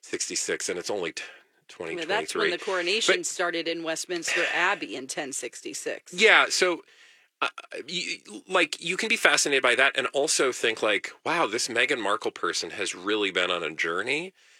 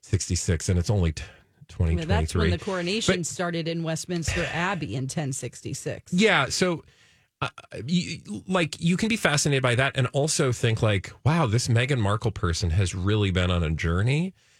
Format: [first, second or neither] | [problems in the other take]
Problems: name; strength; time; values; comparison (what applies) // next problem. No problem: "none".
second | thin; very; fading below 350 Hz